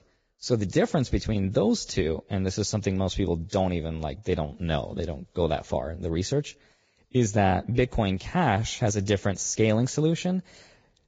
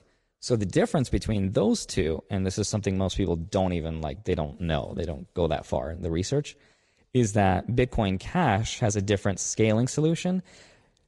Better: second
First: garbled, watery; badly; nothing above 7.5 kHz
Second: garbled, watery; slightly; nothing above 10.5 kHz

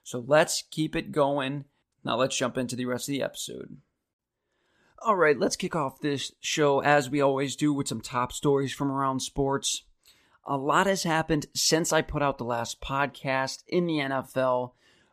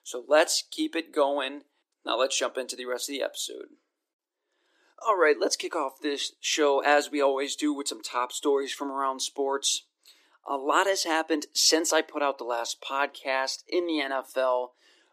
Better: first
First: none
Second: thin; somewhat; fading below 300 Hz

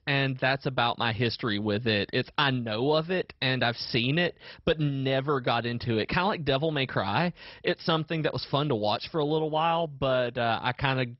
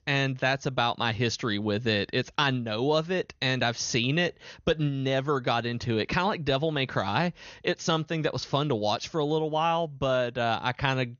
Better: second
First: garbled, watery; badly; nothing above 5.5 kHz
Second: garbled, watery; slightly; nothing above 6.5 kHz

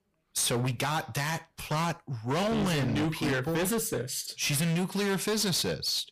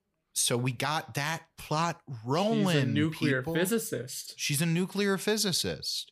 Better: second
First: distortion; heavy; 23% of the sound clipped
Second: none

